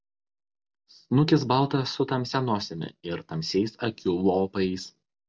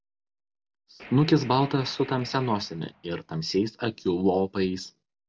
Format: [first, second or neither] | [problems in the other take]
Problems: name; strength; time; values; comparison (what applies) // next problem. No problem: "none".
first | background sound (Gunshot, gunfire); 20 dB below the speech